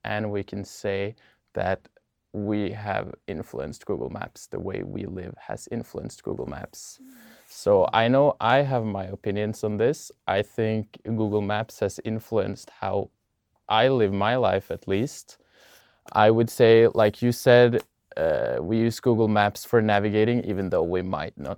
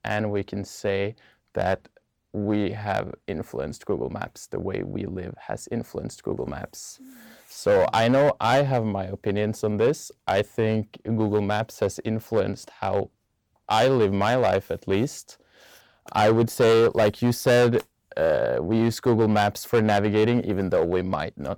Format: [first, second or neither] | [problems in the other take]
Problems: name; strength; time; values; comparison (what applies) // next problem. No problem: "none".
first | distortion; slight; 5% of the sound clipped